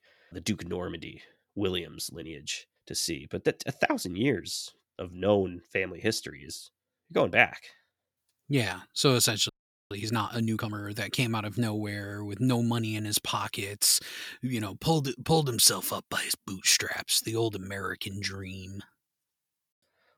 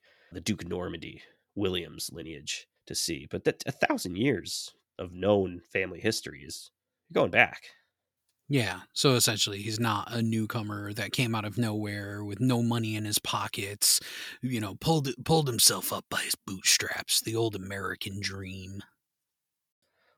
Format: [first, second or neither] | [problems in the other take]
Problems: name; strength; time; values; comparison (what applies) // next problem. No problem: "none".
second | audio freezing; at 9.5 s